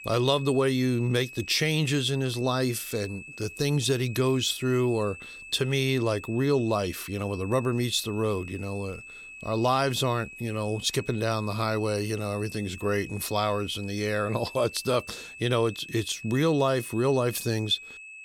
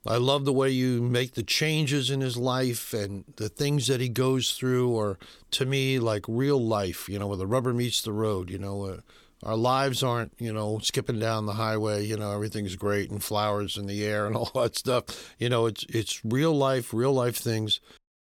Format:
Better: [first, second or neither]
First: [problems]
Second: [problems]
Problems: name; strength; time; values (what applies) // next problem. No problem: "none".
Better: second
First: high-pitched whine; noticeable; throughout; 2.5 kHz, 15 dB below the speech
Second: none